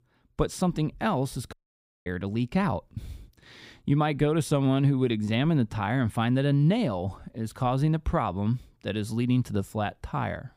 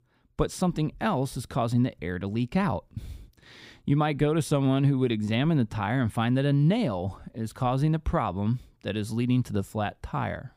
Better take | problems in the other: second | audio cutting out; at 1.5 s for 0.5 s

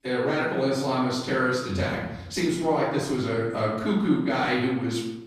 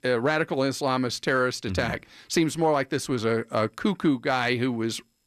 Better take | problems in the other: second | off-mic speech; far // room echo; noticeable; dies away in 0.9 s

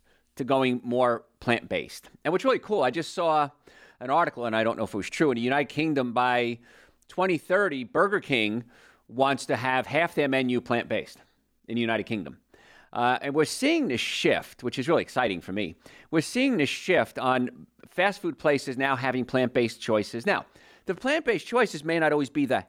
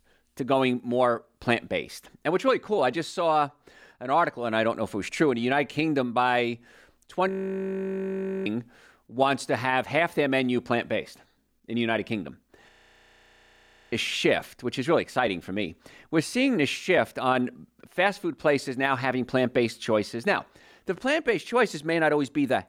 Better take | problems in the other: first | audio freezing; at 7.5 s for 1 s and at 13 s for 1 s

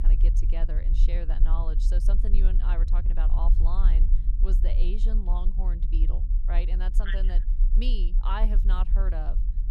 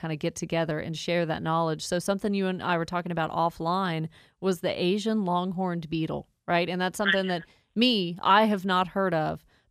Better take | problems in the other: second | low rumble; loud; throughout; 9 dB below the speech

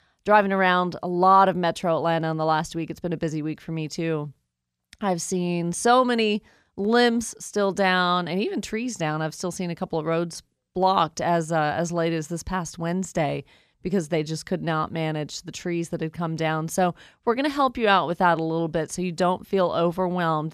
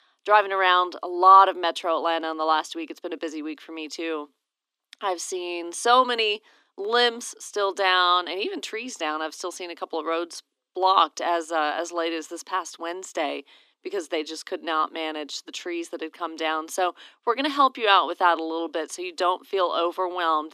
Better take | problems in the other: first | thin; very; fading below 250 Hz

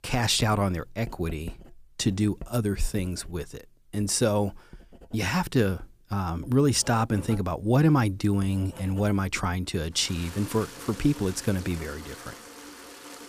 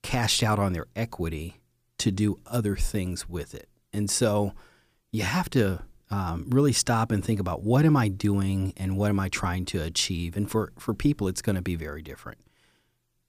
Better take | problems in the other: second | household noises; noticeable; throughout; 20 dB below the speech

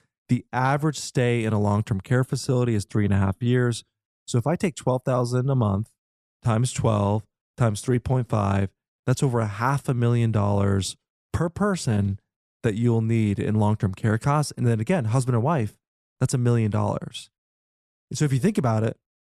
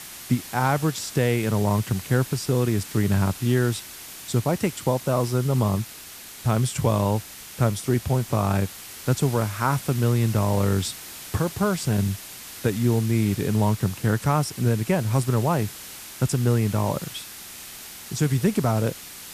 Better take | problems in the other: first | hiss; noticeable; throughout; 15 dB below the speech

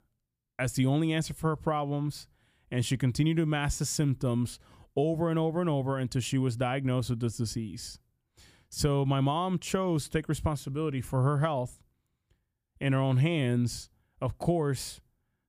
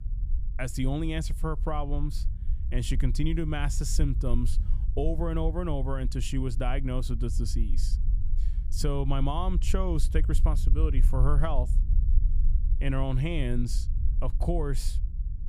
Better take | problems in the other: first | low rumble; noticeable; throughout; 15 dB below the speech

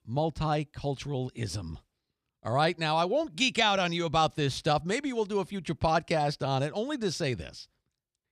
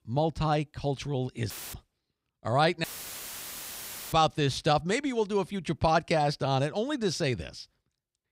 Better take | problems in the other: first | audio cutting out; filled with static; at 1.5 s and at 3 s for 1.5 s

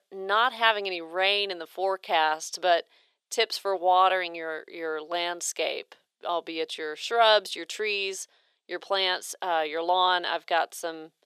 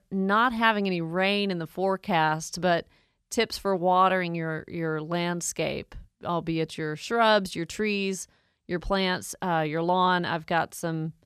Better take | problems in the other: second | thin; very; fading below 400 Hz

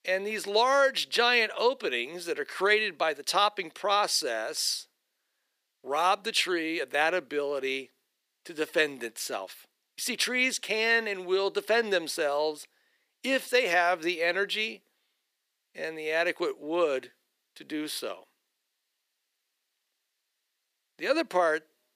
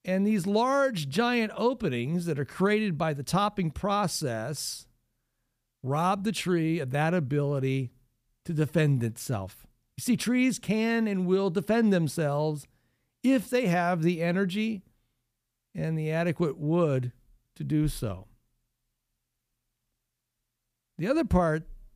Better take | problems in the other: second | thin; very; fading below 350 Hz

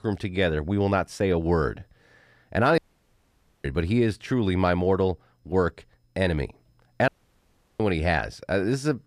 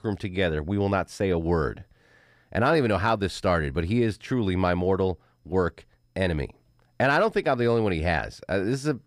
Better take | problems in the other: second | audio cutting out; at 3 s for 1 s and at 7 s for 0.5 s

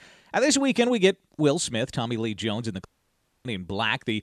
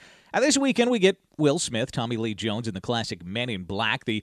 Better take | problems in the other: second | audio cutting out; at 3 s for 0.5 s

